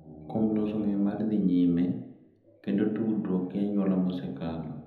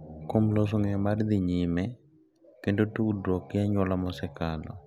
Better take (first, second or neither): second